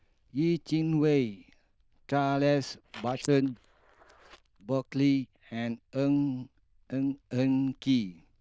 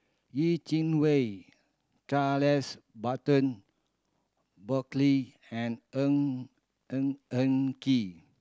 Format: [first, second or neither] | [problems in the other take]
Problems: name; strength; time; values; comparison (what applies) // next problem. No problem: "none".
second | noise reduction (neural diffusion model UNIVERSE++)